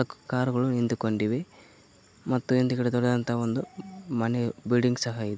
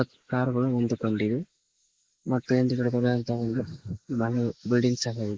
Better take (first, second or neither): first